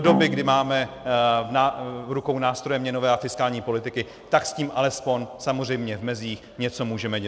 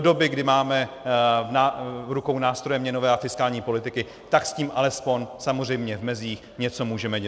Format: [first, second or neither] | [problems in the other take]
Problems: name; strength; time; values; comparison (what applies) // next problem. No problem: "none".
second | background sound (Bowed string instrument); 7 dB below the speech